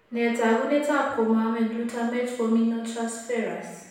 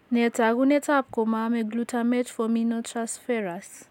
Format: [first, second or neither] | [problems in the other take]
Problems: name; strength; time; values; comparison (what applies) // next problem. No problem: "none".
second | room echo; dies away in 0.9 s